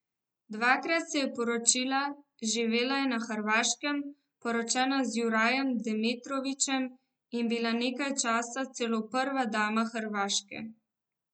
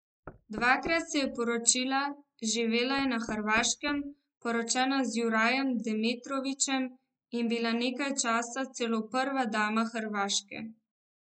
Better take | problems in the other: first | noise reduction (neural mask model Resemble Enhance denoiser)

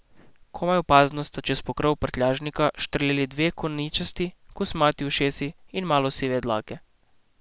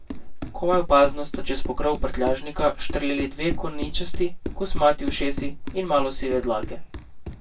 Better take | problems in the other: first | background sound (Run); 14 dB below the speech // room echo; dies away in 0.1 s

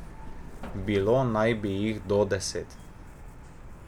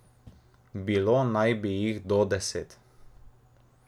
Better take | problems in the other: second | background sound (Truck); 13 dB below the speech

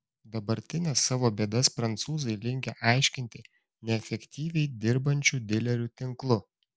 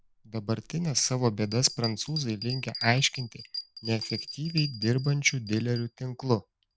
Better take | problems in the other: first | background sound (Bell); 12 dB below the speech

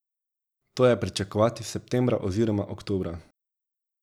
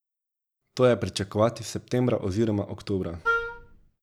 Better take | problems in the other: first | background sound (Wind instrument, woodwind instrument); 2 dB below the speech

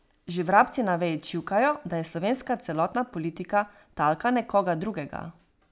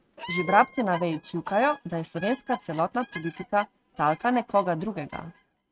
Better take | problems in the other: first | noise reduction (neural mask model RNNoise)

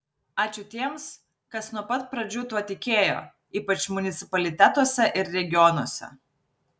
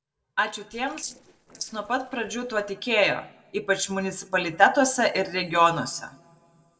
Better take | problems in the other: first | noise reduction (neural separator model SepFormer DNS4)

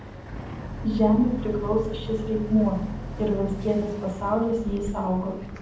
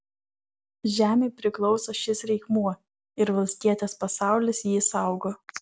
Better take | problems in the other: second | background sound (Boat, Water vehicle); 9 dB below the speech // room echo; dies away in 0.8 s

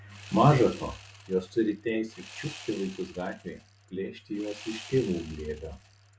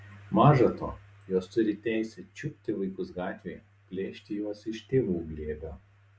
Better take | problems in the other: second | background sound (Sawing); 18 dB below the speech

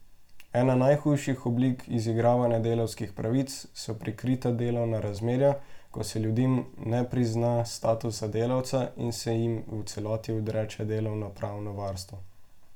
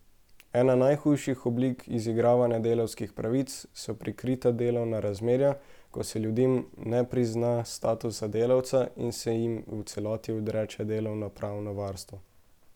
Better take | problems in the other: second | room echo; dies away in 0.2 s

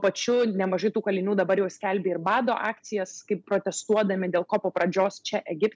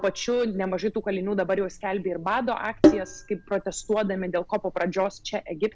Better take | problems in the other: first | background sound (Sink (filling or washing)); 3 dB below the speech

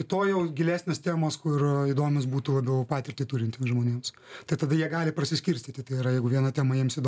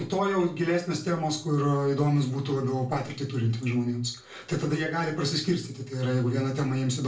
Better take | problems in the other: first | room echo; dies away in 0.3 s

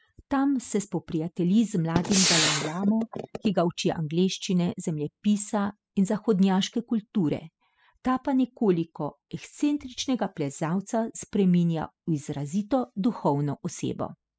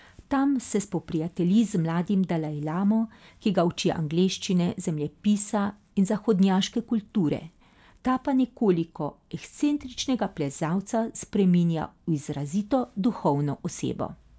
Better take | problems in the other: second | noise reduction (classical method spectral subtraction)

